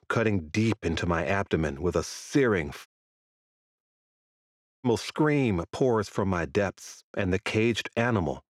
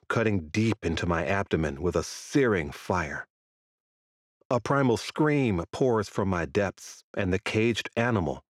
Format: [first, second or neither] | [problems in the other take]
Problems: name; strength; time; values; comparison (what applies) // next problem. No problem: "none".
second | audio cutting out; at 3 s for 0.5 s and at 4.5 s